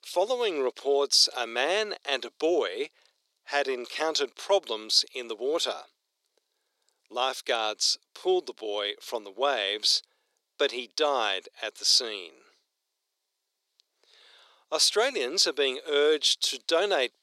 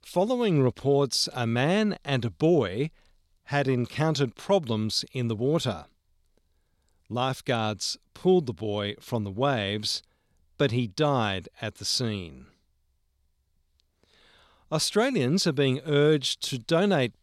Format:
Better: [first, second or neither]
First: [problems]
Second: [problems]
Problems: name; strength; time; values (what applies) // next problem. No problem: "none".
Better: second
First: thin; very; fading below 350 Hz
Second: none